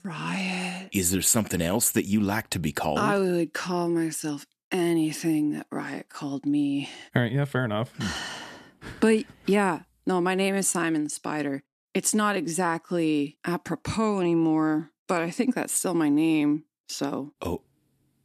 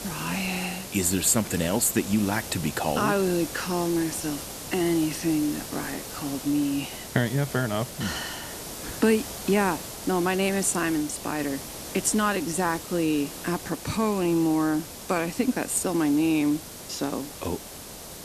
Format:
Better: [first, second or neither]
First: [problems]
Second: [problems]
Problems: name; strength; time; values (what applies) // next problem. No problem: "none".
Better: first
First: none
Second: hiss; loud; throughout; 10 dB below the speech